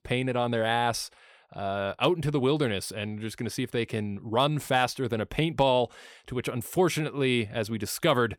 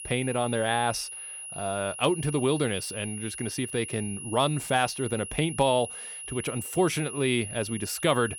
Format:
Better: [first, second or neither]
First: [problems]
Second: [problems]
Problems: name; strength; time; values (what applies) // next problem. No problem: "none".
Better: first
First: none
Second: high-pitched whine; loud; throughout; 10.5 kHz, 8 dB below the speech